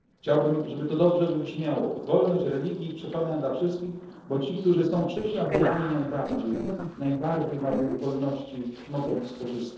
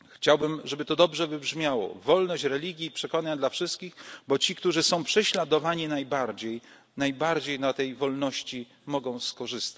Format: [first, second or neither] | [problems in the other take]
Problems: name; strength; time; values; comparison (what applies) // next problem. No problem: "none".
second | noise reduction (neural separator model SepFormer DNS4)